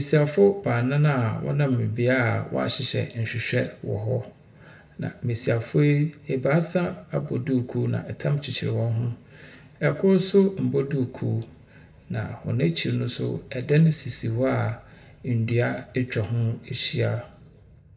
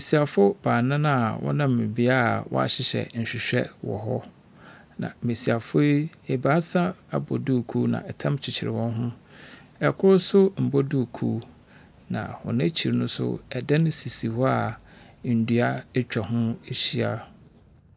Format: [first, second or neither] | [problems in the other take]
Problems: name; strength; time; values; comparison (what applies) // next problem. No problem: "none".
second | room echo; dies away in 0.5 s